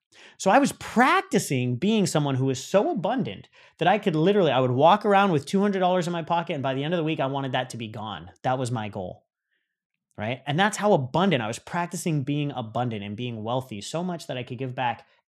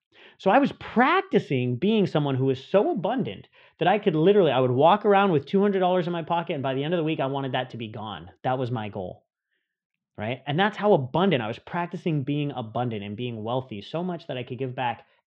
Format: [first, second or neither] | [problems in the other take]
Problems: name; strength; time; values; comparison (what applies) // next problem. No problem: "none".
first | muffled; very; fading above 3.5 kHz